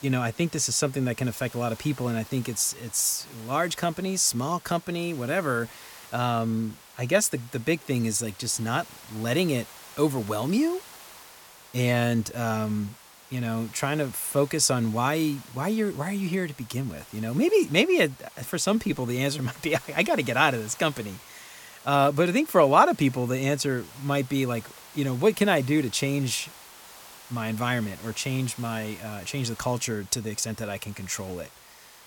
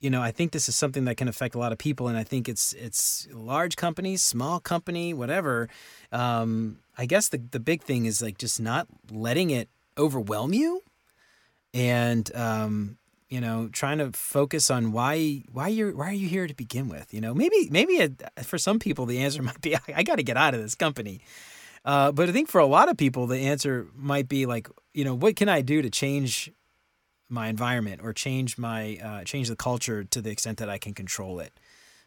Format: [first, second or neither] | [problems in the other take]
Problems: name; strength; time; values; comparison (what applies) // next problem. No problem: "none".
second | hiss; noticeable; throughout; 20 dB below the speech